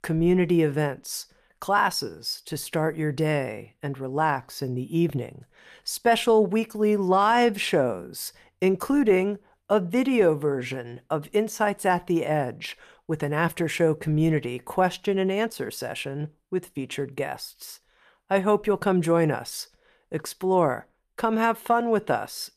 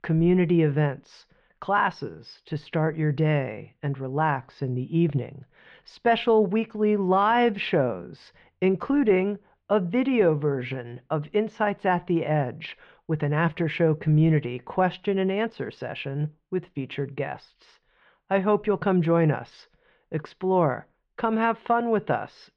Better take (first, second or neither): first